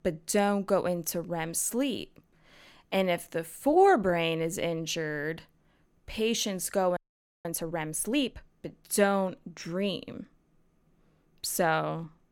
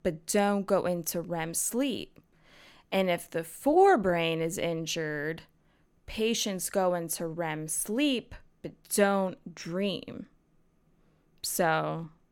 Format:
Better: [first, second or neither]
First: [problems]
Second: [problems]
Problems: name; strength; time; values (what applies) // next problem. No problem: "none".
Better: second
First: audio freezing; at 7 s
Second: none